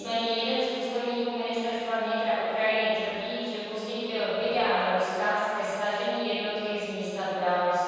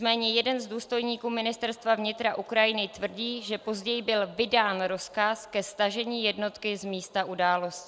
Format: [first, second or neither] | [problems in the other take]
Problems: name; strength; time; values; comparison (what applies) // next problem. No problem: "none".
second | room echo; dies away in 2.2 s